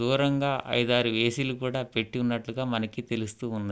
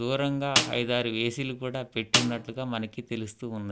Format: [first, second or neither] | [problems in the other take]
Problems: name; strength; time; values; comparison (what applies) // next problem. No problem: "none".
first | background sound (Snare drum); 2 dB below the speech